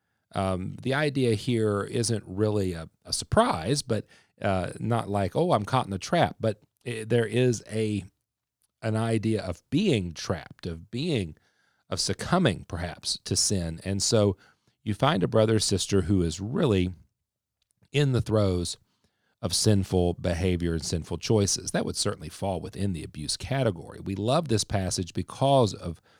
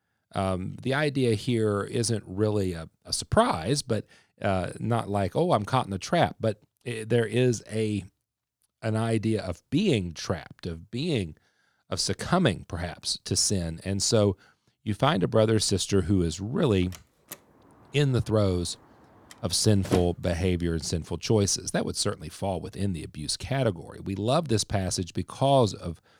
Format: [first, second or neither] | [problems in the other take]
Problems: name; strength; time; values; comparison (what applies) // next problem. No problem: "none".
first | door banging; noticeable; from 17 to 20 s; peak 5 dB below the speech